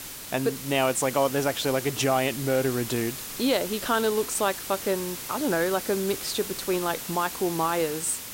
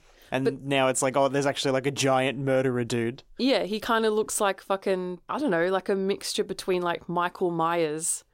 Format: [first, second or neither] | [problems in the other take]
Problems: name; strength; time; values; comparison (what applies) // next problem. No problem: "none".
second | hiss; loud; throughout; 7 dB below the speech